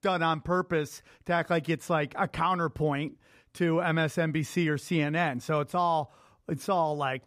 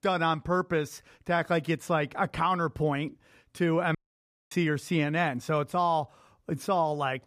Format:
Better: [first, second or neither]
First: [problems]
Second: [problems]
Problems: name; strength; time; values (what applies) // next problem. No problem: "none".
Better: first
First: none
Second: audio cutting out; at 4 s for 0.5 s